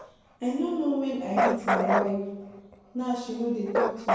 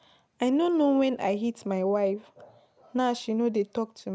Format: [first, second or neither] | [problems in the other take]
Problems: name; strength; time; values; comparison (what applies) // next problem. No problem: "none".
second | background sound (Bark); as loud as the speech // room echo; dies away in 1 s